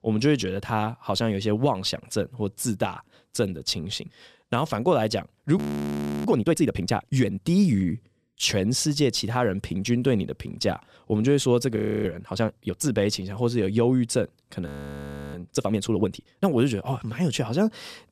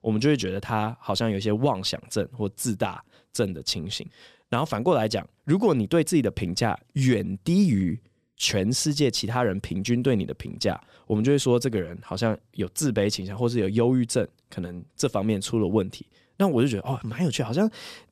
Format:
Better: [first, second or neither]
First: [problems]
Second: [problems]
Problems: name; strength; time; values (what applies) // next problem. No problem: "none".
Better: second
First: audio freezing; at 5.5 s for 0.5 s, at 12 s and at 15 s for 0.5 s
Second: none